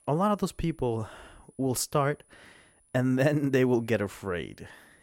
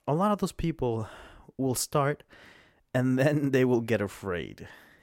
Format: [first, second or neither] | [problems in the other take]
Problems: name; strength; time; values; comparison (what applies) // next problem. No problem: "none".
second | high-pitched whine; faint; throughout; 10 kHz, 35 dB below the speech